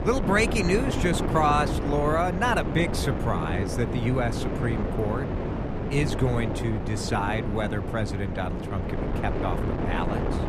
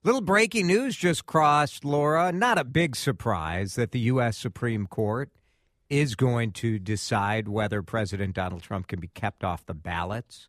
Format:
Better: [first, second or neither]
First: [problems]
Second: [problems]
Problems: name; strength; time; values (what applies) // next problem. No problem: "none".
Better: second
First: wind noise on the microphone; heavy; 5 dB below the speech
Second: none